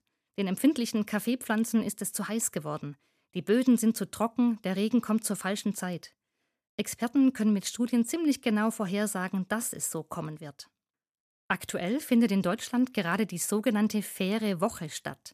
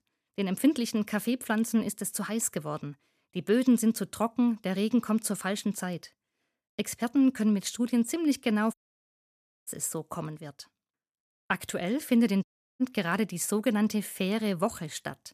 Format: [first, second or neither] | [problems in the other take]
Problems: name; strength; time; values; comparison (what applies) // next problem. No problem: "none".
first | audio cutting out; at 8.5 s for 1 s and at 12 s